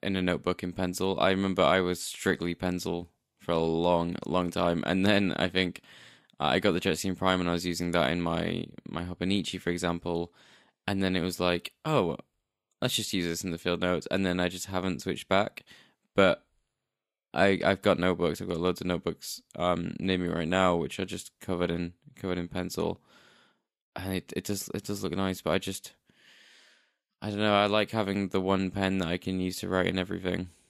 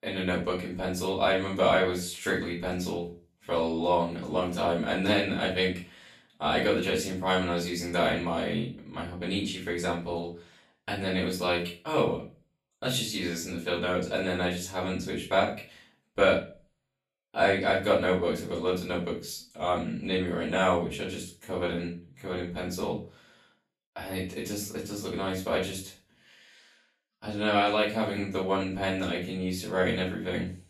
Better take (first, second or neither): first